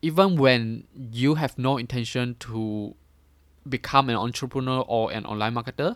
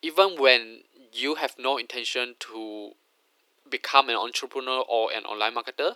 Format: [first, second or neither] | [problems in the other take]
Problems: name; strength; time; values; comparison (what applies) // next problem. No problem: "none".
first | thin; very; fading below 350 Hz